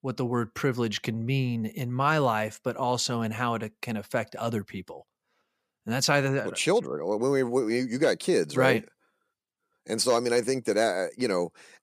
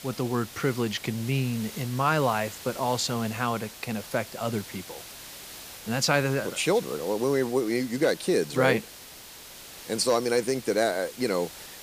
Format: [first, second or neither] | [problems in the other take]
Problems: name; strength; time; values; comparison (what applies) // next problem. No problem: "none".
first | hiss; noticeable; throughout; 15 dB below the speech